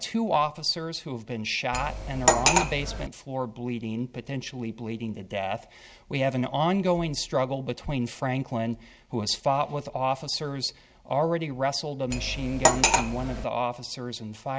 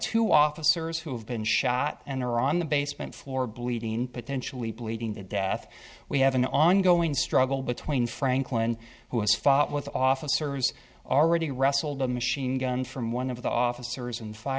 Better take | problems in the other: second | background sound (Cutlery, silverware); 4 dB above the speech

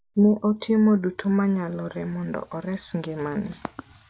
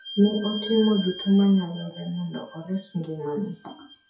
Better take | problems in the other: first | noise reduction (classical method WPE with log-MMSE)

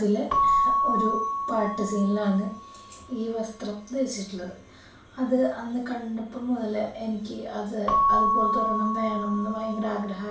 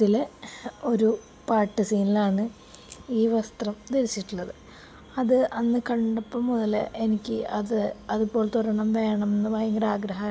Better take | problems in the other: second | background sound (Keyboard (musical) / Bell); as loud as the speech // room echo; dies away in 0.3 s

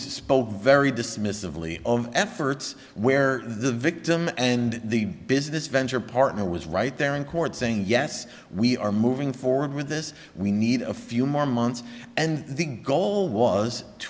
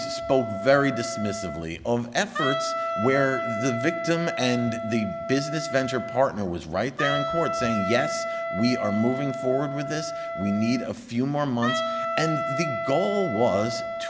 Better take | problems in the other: first | background sound (Wind instrument, woodwind instrument); 4 dB below the speech

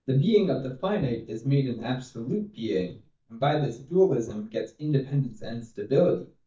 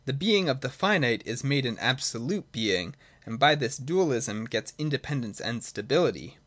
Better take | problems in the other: second | noise reduction (neural mask model DeepFilterNet 3)

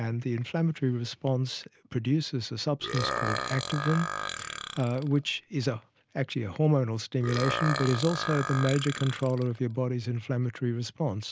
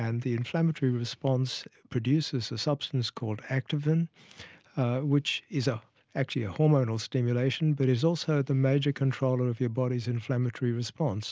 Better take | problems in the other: second | background sound (Burping, eructation); 6 dB below the speech

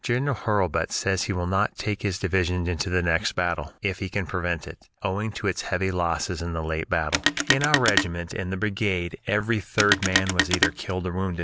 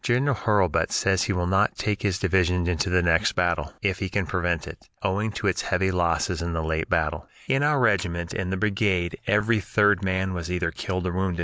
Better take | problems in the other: second | background sound (Telephone); 1 dB below the speech

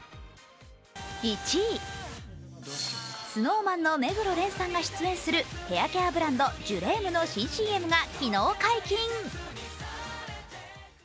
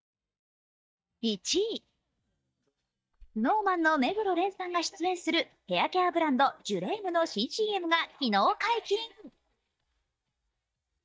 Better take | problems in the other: first | noise reduction (neural mask model DeepFilterNet 3)

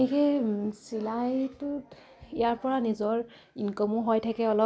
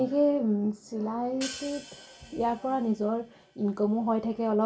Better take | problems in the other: first | background sound (Hi-hat); 18 dB below the speech // room echo; dies away in 0.2 s

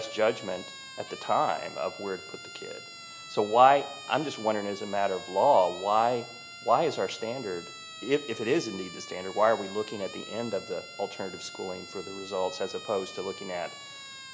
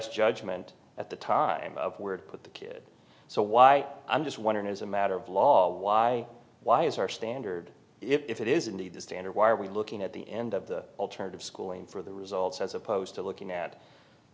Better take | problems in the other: second | background sound (Siren); 15 dB below the speech

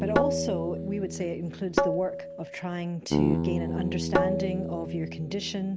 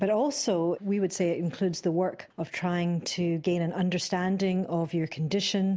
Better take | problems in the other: second | background sound (Bass guitar + Tabla); 3 dB above the speech

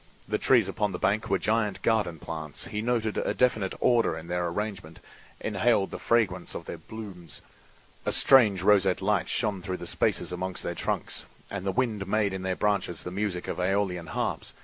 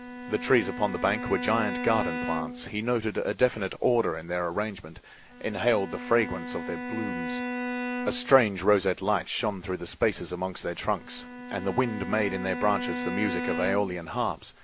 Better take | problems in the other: first | background sound (Bowed string instrument); 8 dB below the speech

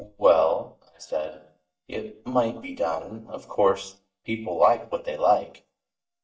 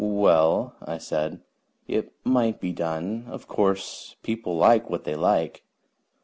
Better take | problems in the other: second | noise reduction (neural mask model DeepFilterNet 3)

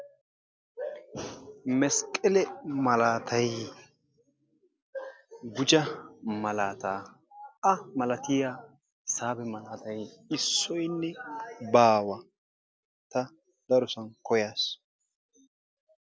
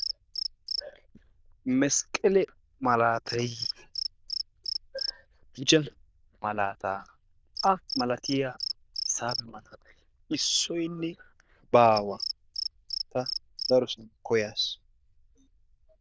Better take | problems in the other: first | noise reduction (neural diffusion model UNIVERSE++)

